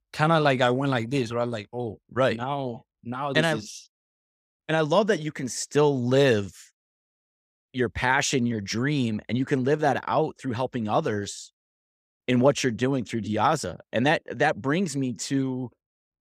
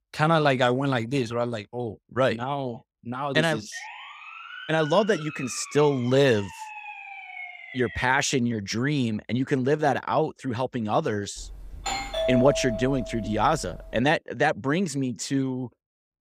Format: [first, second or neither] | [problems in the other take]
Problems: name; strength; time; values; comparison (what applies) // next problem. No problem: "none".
first | siren; faint; from 3.5 to 8 s; peak 10 dB below the speech // doorbell; noticeable; from 11 to 14 s; peak 1 dB below the speech